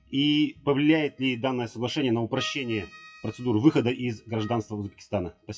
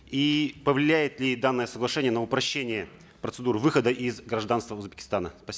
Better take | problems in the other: second | noise reduction (classical method WPE with log-MMSE)

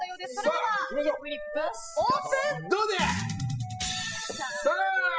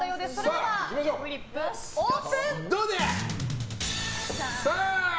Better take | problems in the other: second | noise reduction (classical method spectral subtraction)

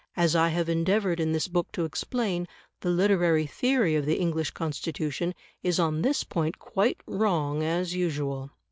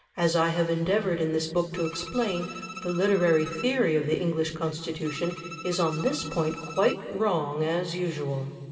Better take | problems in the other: first | background sound (Bowed string instrument); 15 dB below the speech // room echo; dies away in 2.3 s

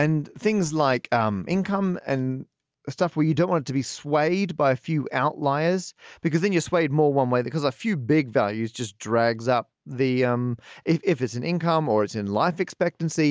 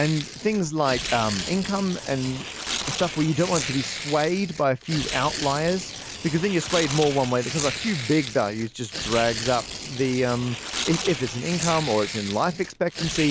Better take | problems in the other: first | background sound (Tearing); 7 dB below the speech

